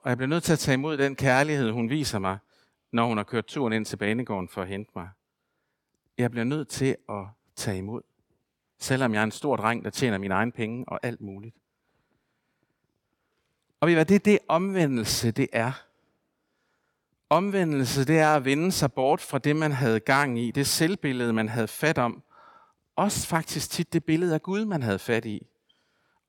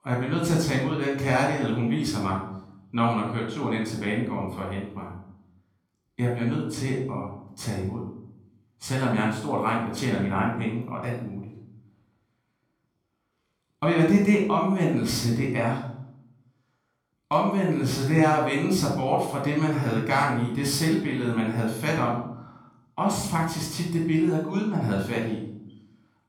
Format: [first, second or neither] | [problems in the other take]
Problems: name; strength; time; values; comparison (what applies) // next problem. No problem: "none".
first | off-mic speech; far // room echo; noticeable; dies away in 0.6 s